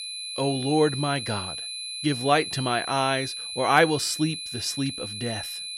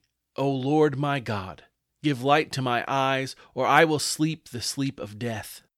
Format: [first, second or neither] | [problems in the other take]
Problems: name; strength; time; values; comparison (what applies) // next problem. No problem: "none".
second | high-pitched whine; loud; throughout; 4 kHz, 6 dB below the speech